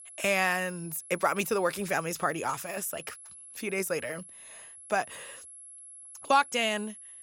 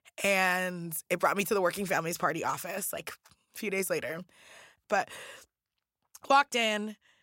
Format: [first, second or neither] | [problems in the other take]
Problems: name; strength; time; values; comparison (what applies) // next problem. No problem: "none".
second | high-pitched whine; noticeable; throughout; 11 kHz, 15 dB below the speech